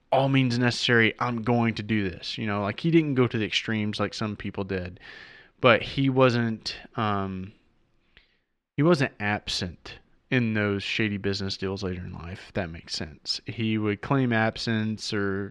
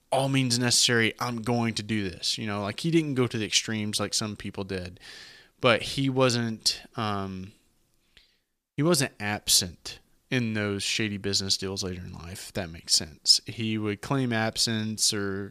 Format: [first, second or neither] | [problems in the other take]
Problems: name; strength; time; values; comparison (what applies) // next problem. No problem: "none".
second | muffled; slightly; fading above 2.5 kHz